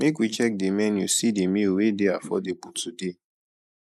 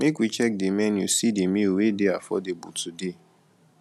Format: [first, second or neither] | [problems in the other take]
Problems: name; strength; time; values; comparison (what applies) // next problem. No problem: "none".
second | noise reduction (neural mask model Resemble Enhance denoiser)